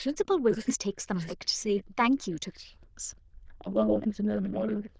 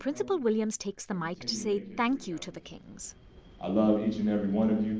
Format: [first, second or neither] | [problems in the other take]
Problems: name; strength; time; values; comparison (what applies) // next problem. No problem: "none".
second | noise reduction (neural diffusion model UNIVERSE++)